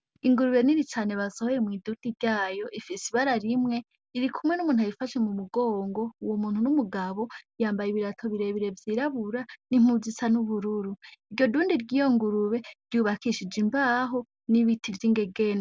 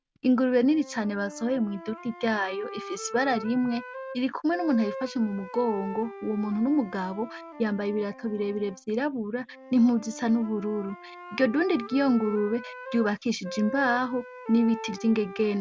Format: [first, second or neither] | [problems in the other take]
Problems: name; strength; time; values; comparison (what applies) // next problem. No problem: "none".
first | background sound (Wind instrument, woodwind instrument); 14 dB below the speech